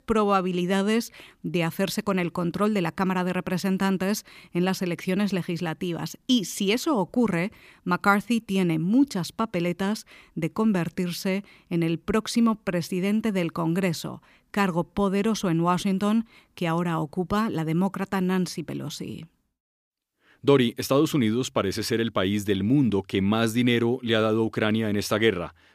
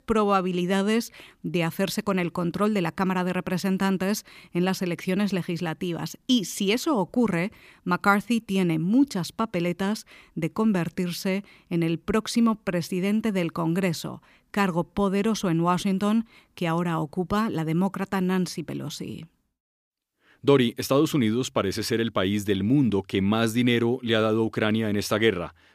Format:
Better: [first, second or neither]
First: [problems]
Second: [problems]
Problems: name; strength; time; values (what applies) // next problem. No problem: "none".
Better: neither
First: none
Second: none